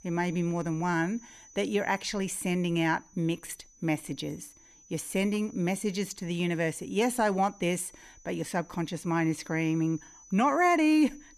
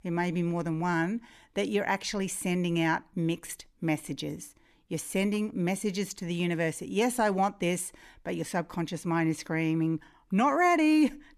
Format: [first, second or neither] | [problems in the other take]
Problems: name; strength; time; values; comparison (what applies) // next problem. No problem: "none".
second | high-pitched whine; faint; throughout; 6 kHz, 25 dB below the speech